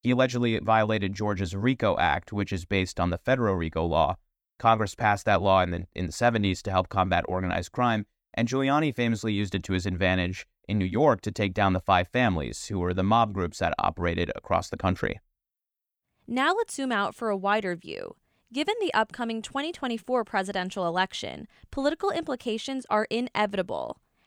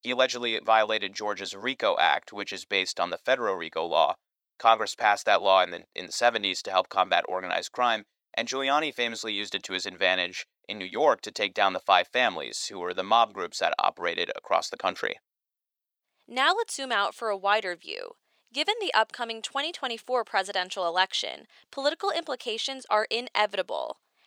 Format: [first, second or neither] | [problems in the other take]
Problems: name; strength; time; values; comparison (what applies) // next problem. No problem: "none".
first | thin; very; fading below 550 Hz